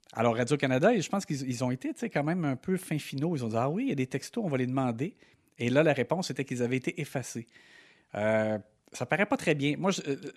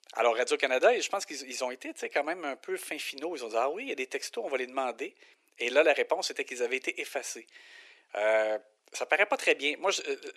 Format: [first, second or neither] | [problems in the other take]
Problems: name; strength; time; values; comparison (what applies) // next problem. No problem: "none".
first | thin; very; fading below 400 Hz